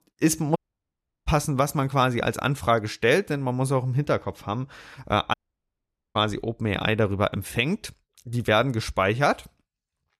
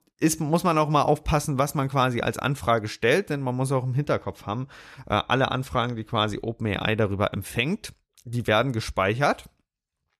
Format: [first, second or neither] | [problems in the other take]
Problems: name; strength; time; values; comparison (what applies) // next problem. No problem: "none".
second | audio cutting out; at 0.5 s for 0.5 s and at 5.5 s for 1 s